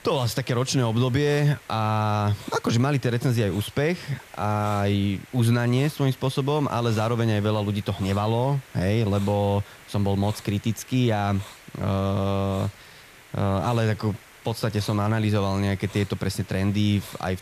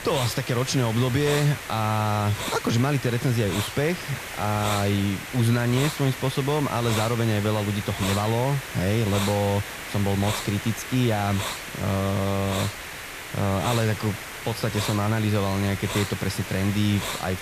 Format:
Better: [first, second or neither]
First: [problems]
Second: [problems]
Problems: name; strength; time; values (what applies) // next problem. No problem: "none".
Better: first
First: hiss; faint; throughout; 20 dB below the speech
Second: hiss; loud; throughout; 7 dB below the speech